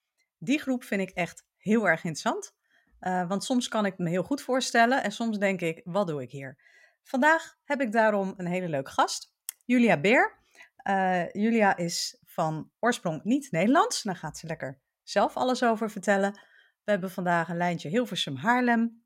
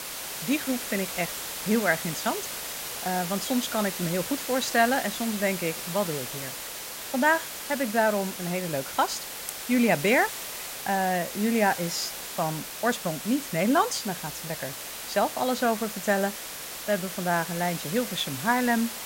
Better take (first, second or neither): first